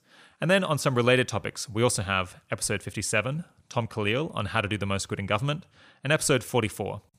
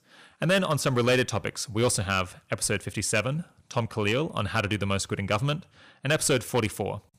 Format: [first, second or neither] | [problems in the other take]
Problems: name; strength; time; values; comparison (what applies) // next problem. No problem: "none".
first | distortion; slight; 4% of the sound clipped